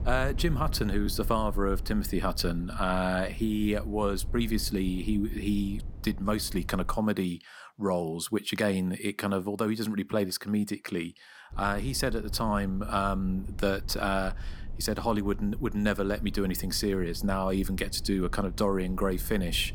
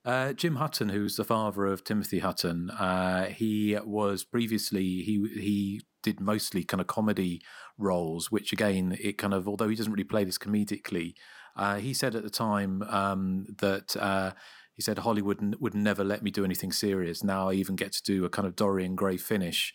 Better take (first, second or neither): second